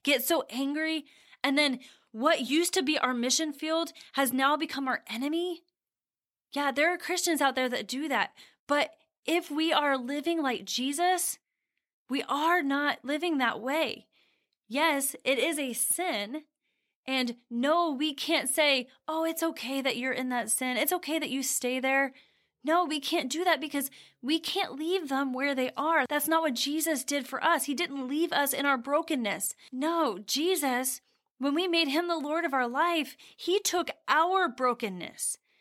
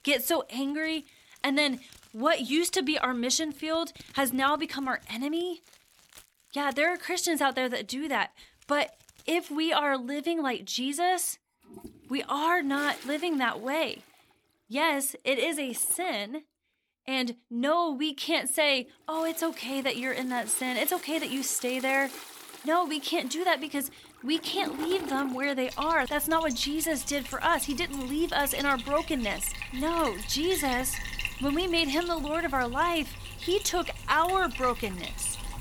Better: first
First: none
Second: household noises; noticeable; throughout; 10 dB below the speech

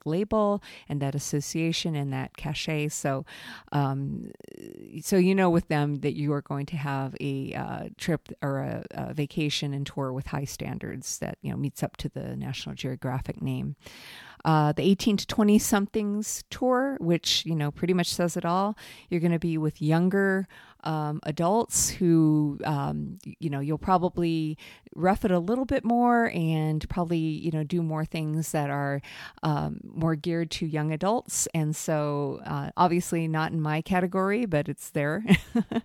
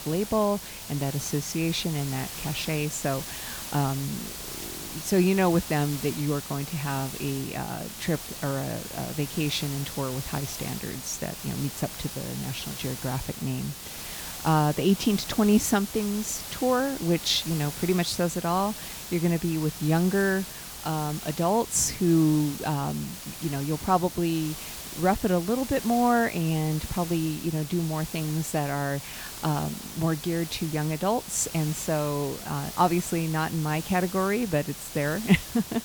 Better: first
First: none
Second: hiss; loud; throughout; 9 dB below the speech

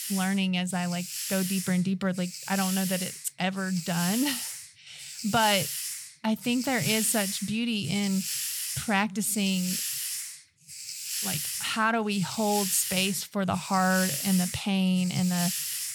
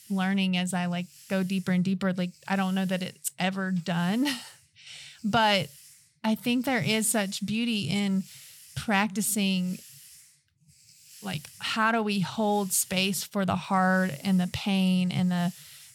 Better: second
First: hiss; loud; throughout; 4 dB below the speech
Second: hiss; faint; throughout; 25 dB below the speech

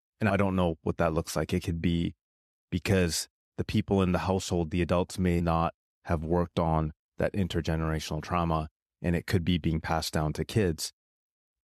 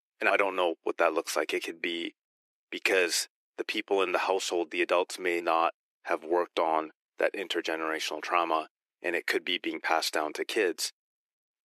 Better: first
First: none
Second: thin; very; fading below 350 Hz

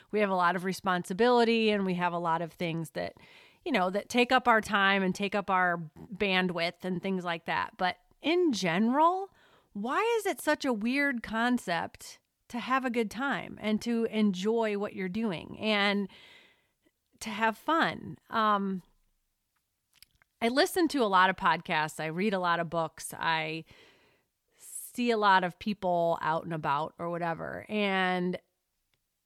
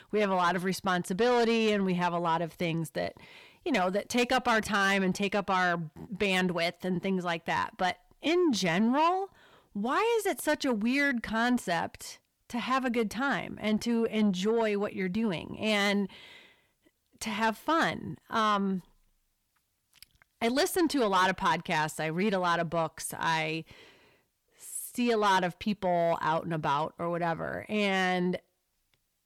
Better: first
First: none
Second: distortion; slight; 10 dB below the speech

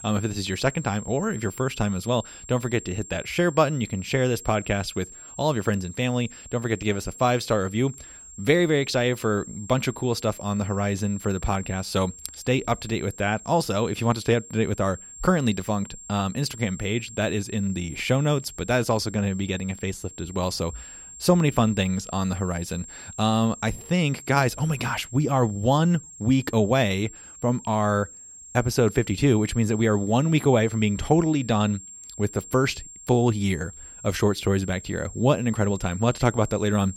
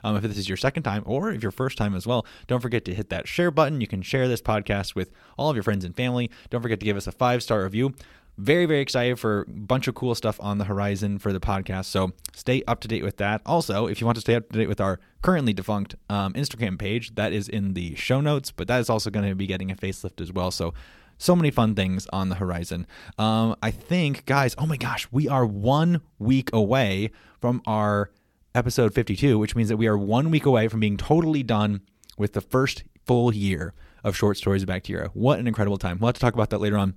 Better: second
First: high-pitched whine; noticeable; throughout; 7.5 kHz, 15 dB below the speech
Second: none

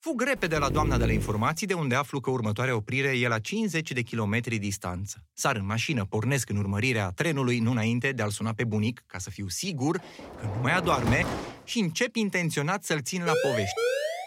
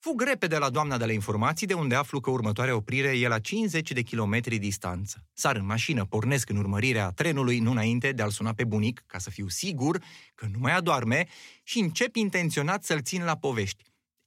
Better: second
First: dog barking; noticeable; at 0.5 s; peak level with the speech // door banging; noticeable; from 10 to 12 s; peak 2 dB below the speech // siren; loud; from 13 s on; peak level with the speech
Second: none

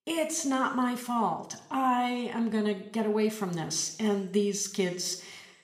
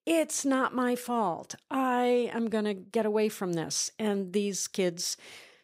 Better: second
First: room echo; slight; dies away in 0.6 s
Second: none

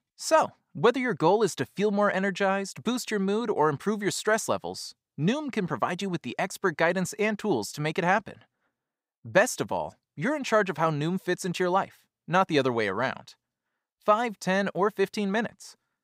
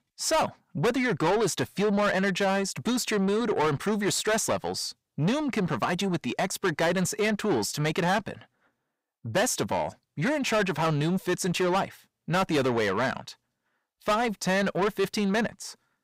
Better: first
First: none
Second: distortion; heavy; 7 dB below the speech

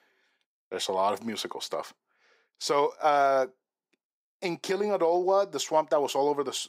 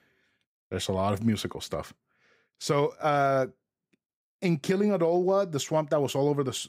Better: second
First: thin; somewhat; fading below 400 Hz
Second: none

